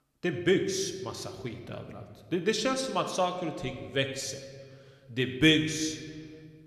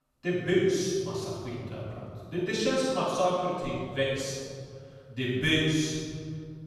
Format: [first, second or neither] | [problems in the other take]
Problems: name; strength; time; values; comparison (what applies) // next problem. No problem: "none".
first | room echo; strong; dies away in 2.5 s; slight in the first // off-mic speech; far